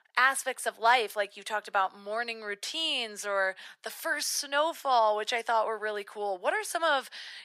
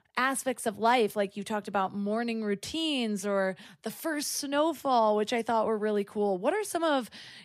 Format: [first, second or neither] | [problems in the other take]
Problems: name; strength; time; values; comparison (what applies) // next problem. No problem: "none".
second | thin; very; fading below 700 Hz